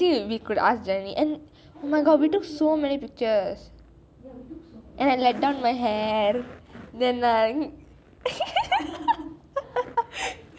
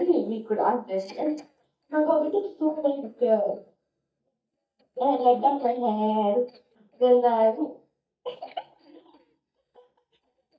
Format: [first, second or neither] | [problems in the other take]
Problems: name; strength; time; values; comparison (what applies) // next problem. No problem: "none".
first | noise reduction (neural mask model DeepFilterNet 3)